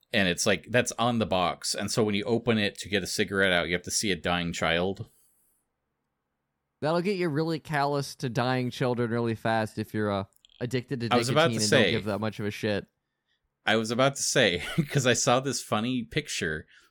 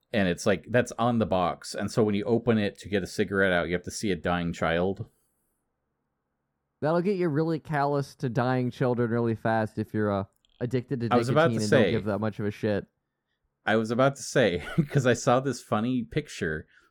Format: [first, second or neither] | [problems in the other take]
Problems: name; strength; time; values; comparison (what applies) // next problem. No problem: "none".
first | muffled; slightly; fading above 1 kHz